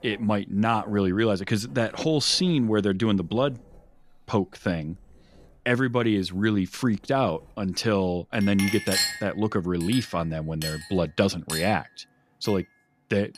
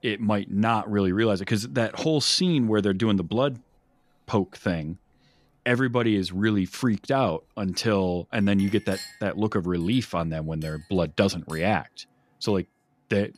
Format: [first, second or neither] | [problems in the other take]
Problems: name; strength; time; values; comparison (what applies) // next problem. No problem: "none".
second | household noises; loud; throughout; 6 dB below the speech; faint in the second